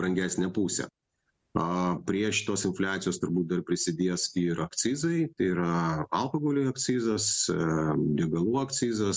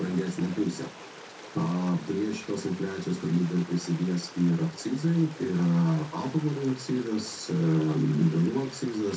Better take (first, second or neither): first